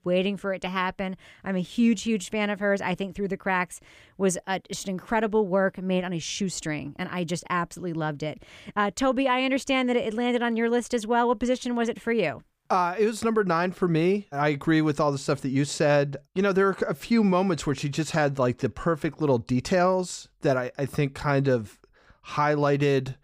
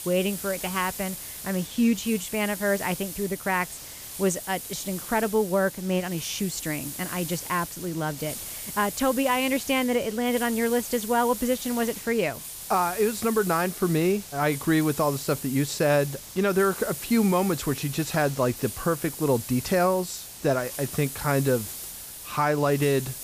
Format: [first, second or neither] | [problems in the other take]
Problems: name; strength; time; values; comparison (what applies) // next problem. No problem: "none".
first | hiss; loud; throughout; 9 dB below the speech